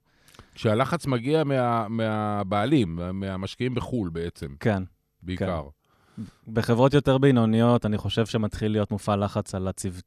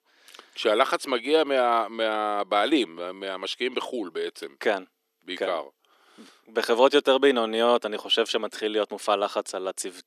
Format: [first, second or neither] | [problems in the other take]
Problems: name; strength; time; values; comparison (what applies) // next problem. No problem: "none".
first | thin; somewhat; fading below 300 Hz